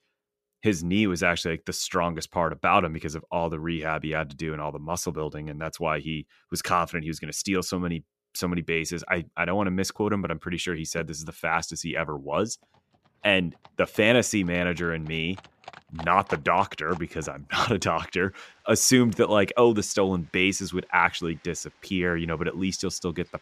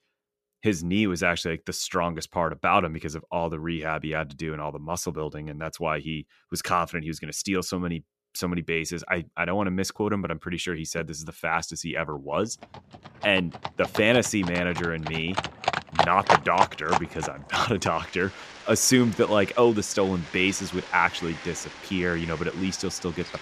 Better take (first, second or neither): first